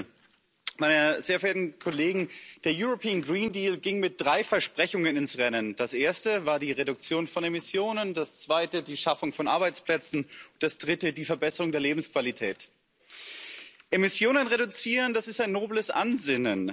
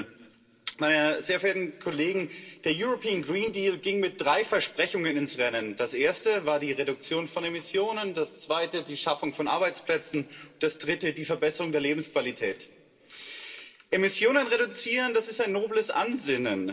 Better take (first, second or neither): first